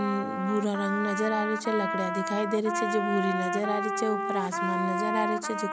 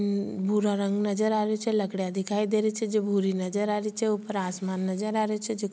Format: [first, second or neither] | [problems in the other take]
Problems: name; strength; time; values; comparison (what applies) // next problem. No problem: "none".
second | background sound (Trumpet); 1 dB below the speech